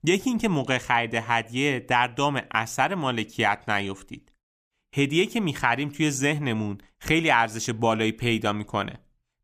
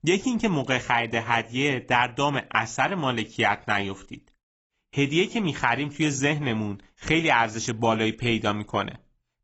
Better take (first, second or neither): first